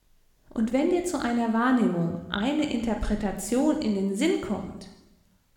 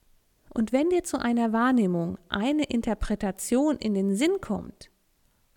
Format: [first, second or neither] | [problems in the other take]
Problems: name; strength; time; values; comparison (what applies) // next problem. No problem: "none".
second | room echo; slight; dies away in 0.8 s